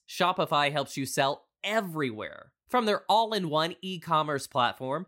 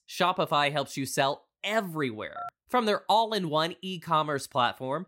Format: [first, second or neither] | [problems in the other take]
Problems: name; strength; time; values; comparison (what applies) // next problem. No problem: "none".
first | phone ringing; faint; at 2.5 s; peak 15 dB below the speech